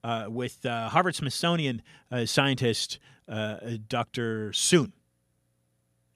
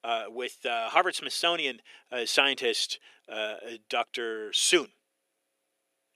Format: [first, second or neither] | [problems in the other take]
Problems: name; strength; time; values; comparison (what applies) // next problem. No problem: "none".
first | thin; very; fading below 350 Hz